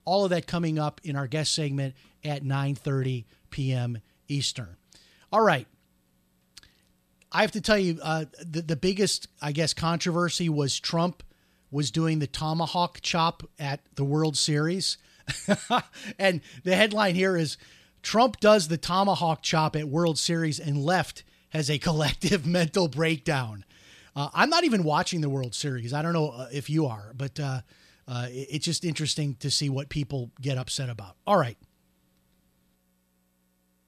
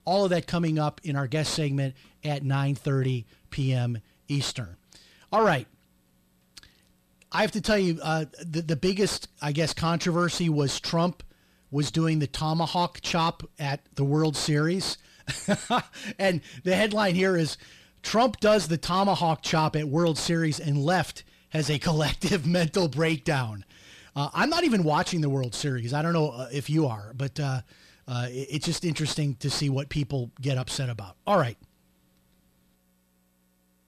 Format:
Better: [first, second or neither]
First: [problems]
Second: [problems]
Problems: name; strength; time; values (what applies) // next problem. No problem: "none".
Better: first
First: none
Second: distortion; slight; 10 dB below the speech